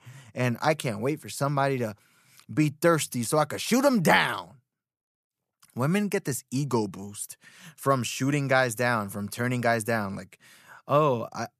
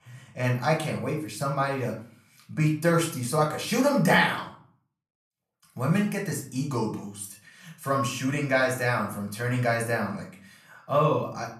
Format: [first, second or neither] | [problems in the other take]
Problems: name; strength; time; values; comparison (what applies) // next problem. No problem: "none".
first | room echo; slight; dies away in 0.4 s // off-mic speech; somewhat distant